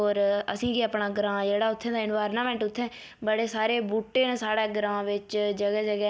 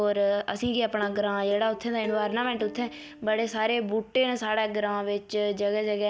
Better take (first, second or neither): first